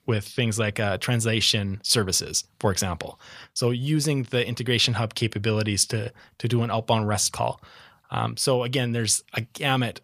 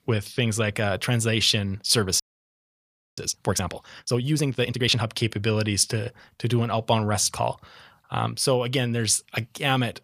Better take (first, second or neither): first